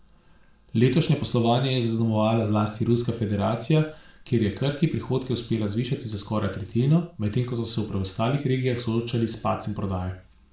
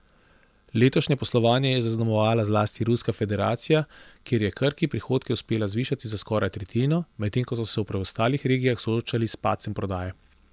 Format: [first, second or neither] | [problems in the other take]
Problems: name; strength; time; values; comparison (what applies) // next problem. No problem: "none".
second | room echo; dies away in 0.4 s